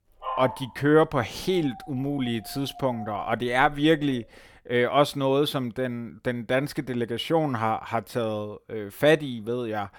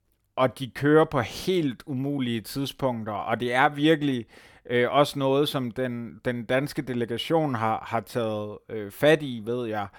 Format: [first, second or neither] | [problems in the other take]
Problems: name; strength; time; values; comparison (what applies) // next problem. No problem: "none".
second | dog barking; noticeable; until 4 s; peak 7 dB below the speech